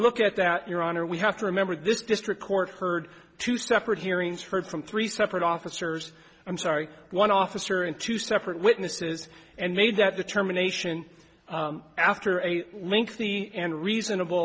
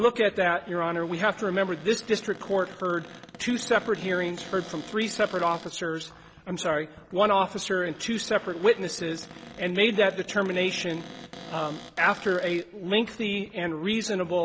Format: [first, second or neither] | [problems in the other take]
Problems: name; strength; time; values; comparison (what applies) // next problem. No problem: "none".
first | background sound (Cupboard open or close); 19 dB below the speech